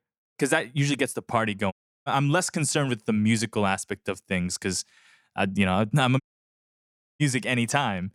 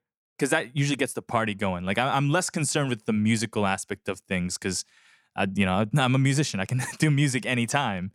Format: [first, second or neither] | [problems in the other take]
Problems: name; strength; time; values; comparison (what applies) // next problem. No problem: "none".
second | audio cutting out; at 1.5 s and at 6 s for 1 s